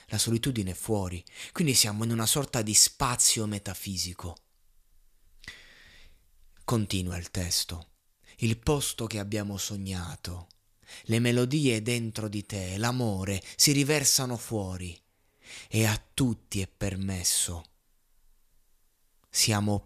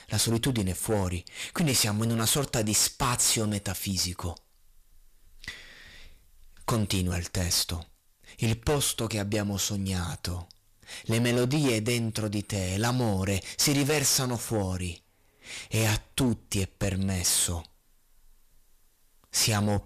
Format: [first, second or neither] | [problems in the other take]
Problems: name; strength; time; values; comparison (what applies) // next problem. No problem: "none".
first | distortion; heavy; 11% of the sound clipped